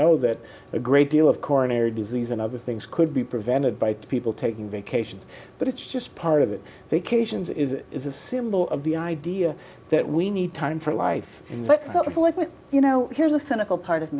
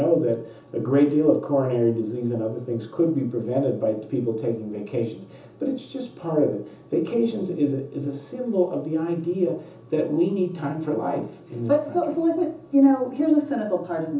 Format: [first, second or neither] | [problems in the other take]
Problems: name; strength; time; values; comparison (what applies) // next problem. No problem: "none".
first | room echo; dies away in 0.7 s